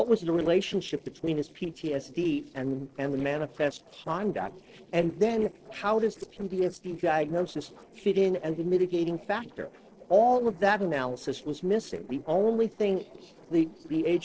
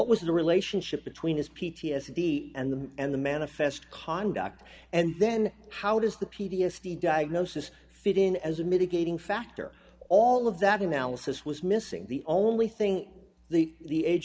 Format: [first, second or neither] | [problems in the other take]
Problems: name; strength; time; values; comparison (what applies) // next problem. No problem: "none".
second | noise reduction (neural separator model SepFormer DNS4)